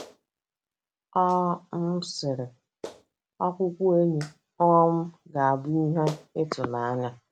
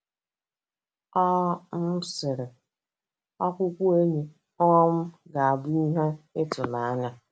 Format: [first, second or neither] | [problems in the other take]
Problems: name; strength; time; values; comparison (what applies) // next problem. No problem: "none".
second | background sound (Clapping); 19 dB below the speech